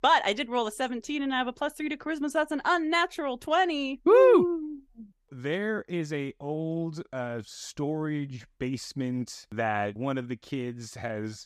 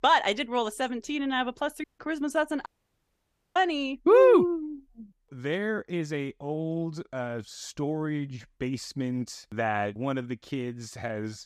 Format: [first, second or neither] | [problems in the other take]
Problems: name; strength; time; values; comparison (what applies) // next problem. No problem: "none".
first | audio cutting out; at 2 s and at 2.5 s for 1 s